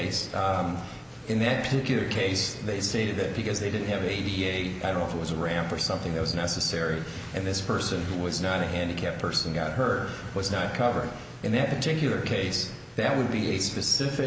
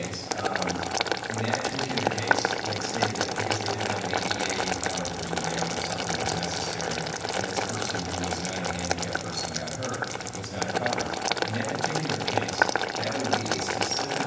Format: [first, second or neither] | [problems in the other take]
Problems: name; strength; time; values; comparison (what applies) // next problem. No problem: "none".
first | background sound (Boiling); 4 dB above the speech // room echo; dies away in 0.9 s